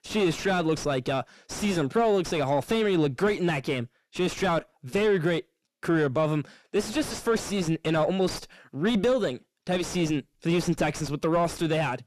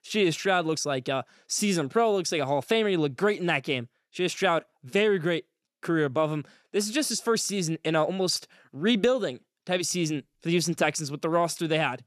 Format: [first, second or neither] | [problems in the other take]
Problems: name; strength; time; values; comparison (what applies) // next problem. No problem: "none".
second | distortion; heavy; 6 dB below the speech